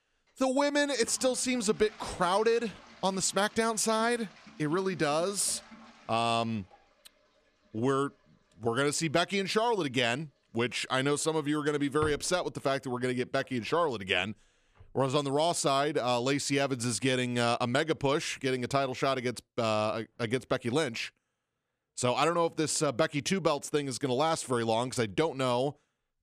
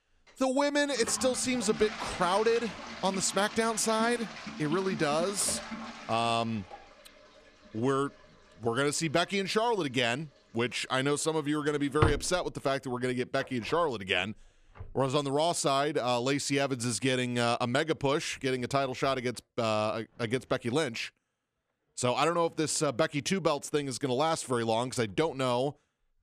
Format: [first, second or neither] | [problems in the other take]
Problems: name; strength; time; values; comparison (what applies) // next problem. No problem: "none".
first | household noises; loud; throughout; 10 dB below the speech; faint in the first